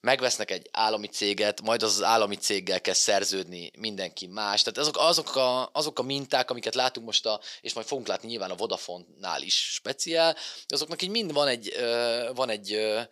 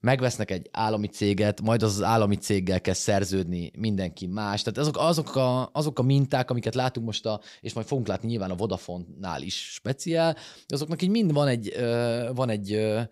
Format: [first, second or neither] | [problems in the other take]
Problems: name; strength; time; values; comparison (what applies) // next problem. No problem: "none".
second | thin; somewhat; fading below 450 Hz